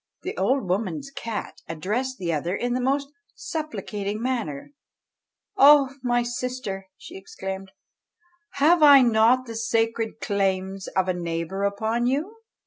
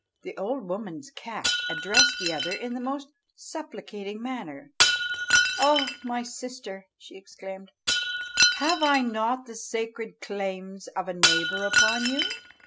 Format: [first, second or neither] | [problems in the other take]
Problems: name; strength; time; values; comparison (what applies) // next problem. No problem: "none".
first | background sound (Shatter); 3 dB above the speech